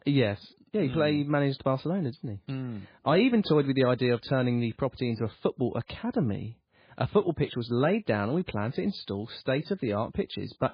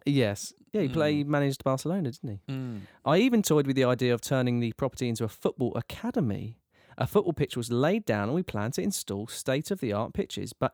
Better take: second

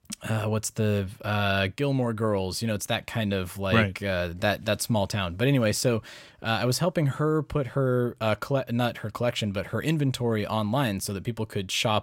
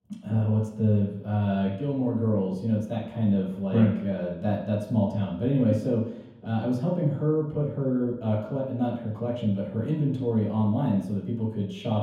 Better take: first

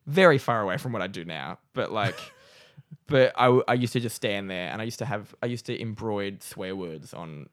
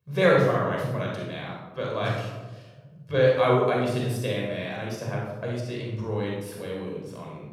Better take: first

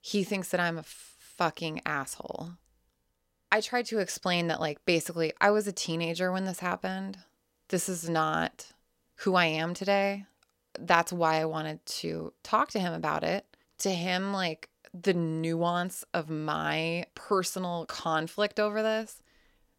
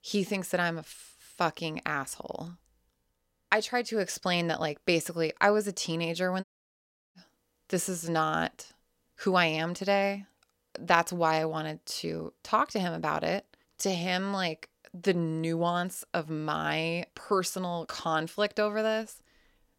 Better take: first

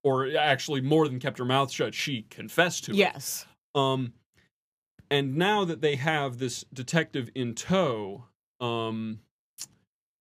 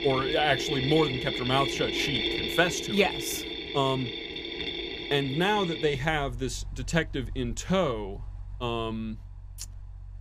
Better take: first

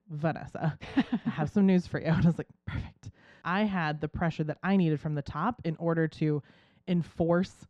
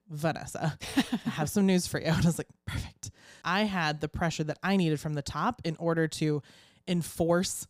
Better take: second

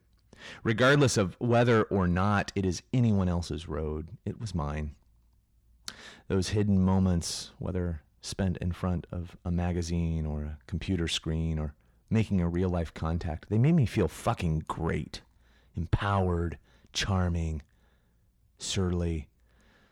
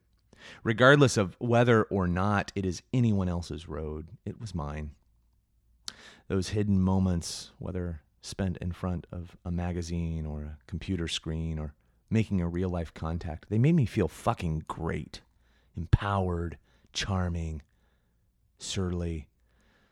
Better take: second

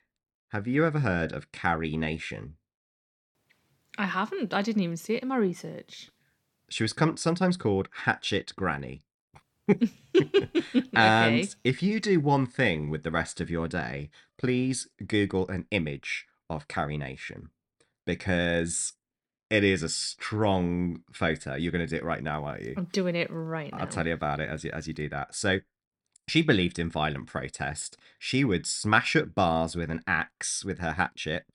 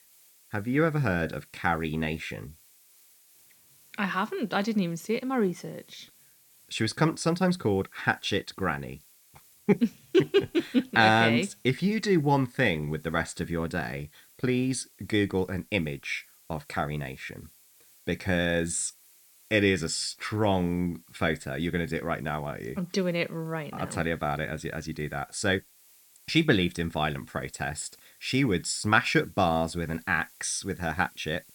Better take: first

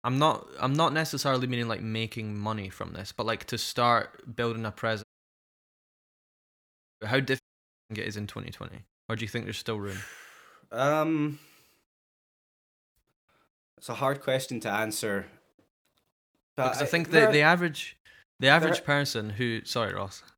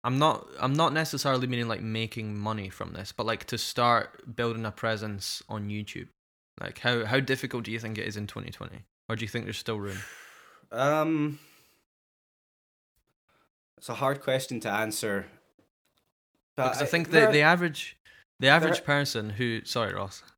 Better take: second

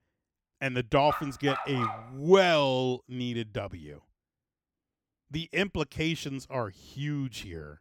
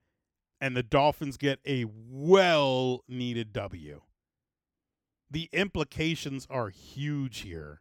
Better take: second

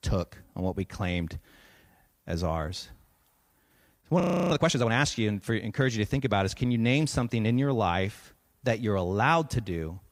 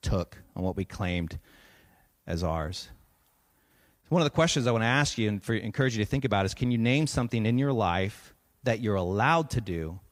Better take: second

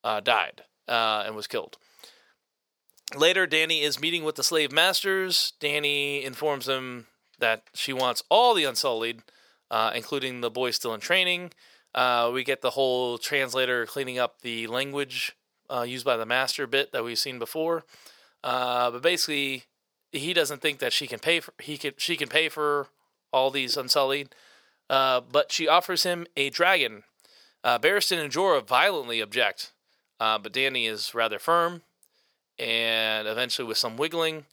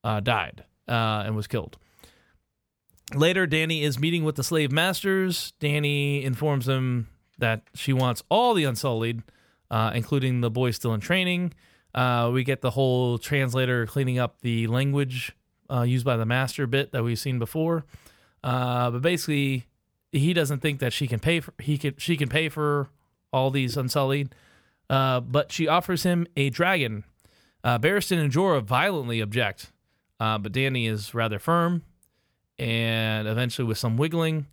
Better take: second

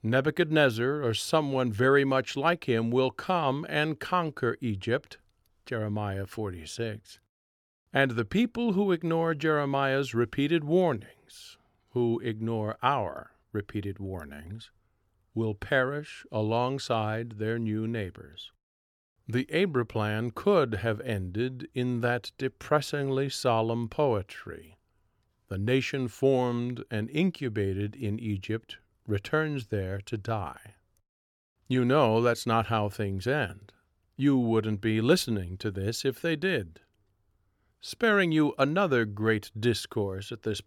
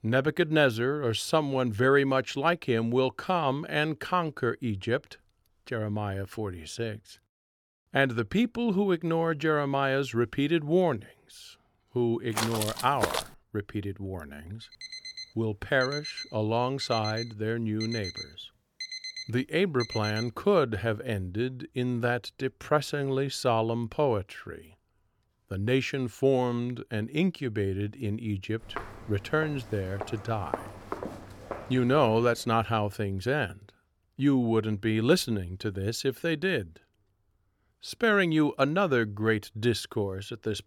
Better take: first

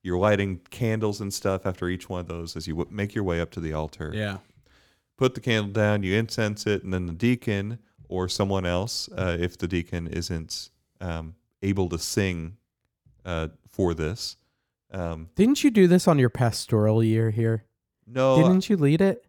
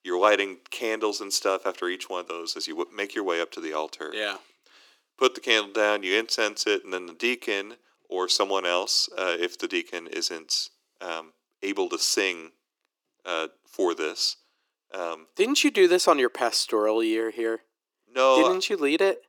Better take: first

